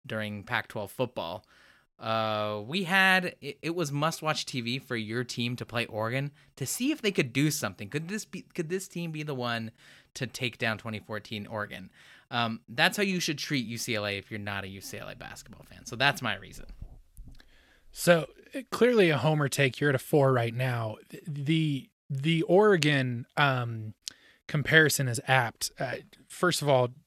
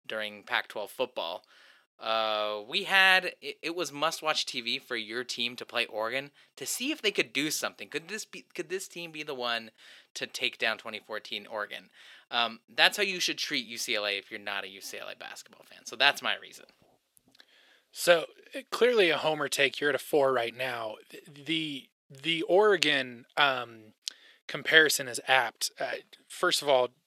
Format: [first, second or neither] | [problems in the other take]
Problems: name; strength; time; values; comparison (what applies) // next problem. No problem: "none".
first | thin; somewhat; fading below 450 Hz